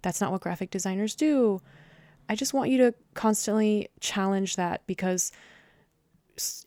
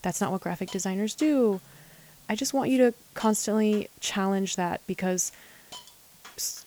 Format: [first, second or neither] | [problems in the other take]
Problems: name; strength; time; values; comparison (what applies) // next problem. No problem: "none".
first | hiss; faint; throughout; 20 dB below the speech